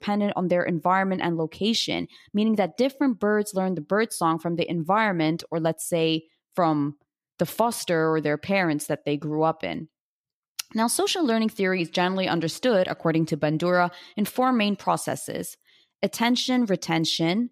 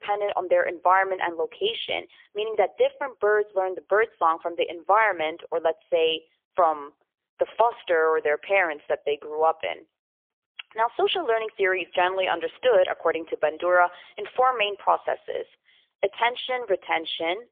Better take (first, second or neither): first